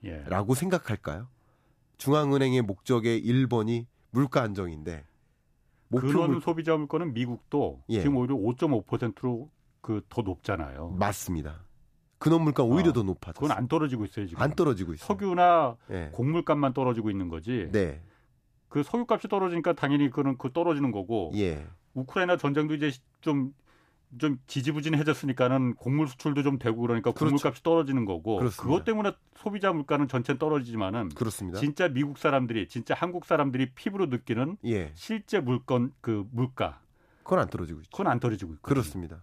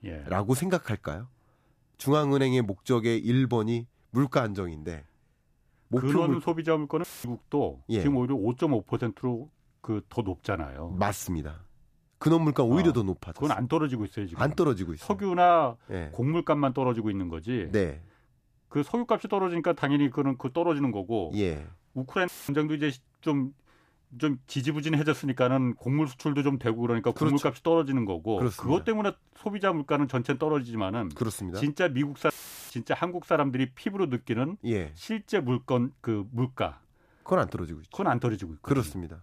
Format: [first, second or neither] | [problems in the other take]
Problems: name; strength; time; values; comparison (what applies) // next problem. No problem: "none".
first | audio cutting out; filled with static; at 7 s, at 22 s and at 32 s